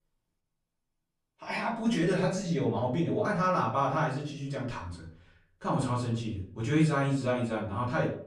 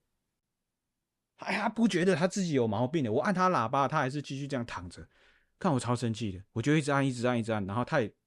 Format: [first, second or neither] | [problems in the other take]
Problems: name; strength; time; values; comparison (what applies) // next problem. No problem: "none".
second | off-mic speech; far // room echo; slight; dies away in 0.4 s